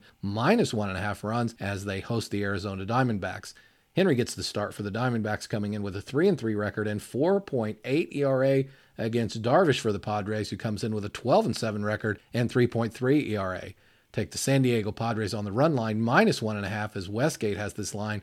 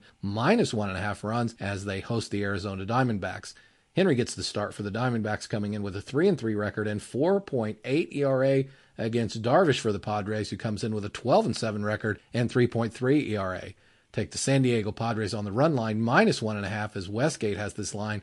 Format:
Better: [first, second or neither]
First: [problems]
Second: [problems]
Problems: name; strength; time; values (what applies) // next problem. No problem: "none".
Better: first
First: none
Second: garbled, watery; slightly